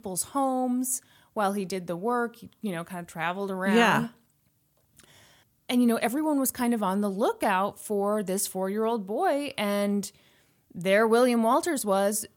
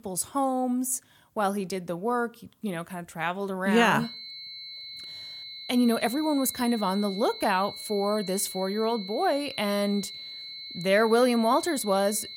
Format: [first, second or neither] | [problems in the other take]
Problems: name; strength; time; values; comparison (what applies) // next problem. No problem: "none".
first | high-pitched whine; noticeable; from 4 s on; 4 kHz, 10 dB below the speech